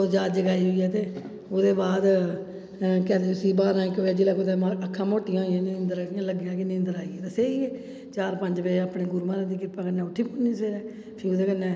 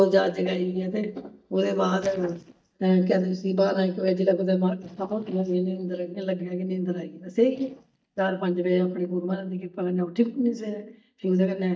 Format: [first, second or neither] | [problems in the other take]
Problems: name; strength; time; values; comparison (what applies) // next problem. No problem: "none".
first | noise reduction (neural mask model DeepFilterNet 3)